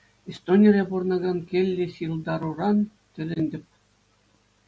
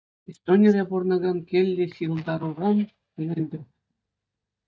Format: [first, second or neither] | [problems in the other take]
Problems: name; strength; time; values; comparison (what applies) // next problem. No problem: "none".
first | noise reduction (neural mask model DeepFilterNet 3)